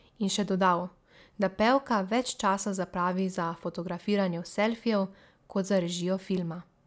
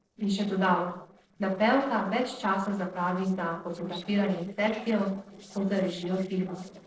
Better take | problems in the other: first | noise reduction (neural separator model SepFormer DNS4)

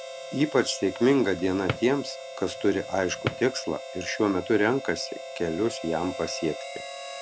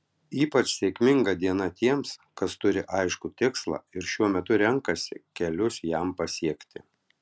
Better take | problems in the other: second | background sound (Drawer open or close + Harmonica); 10 dB below the speech

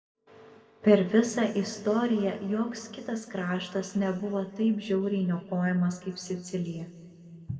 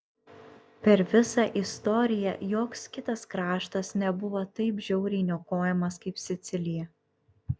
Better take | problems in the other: second | room echo; dies away in 1.8 s

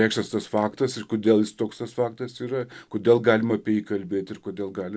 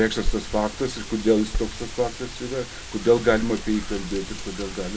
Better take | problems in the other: first | background sound (Wind); 6 dB below the speech // room echo; dies away in 1.2 s

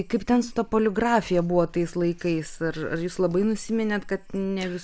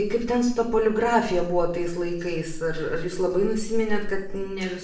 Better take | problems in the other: first | room echo; dies away in 0.6 s

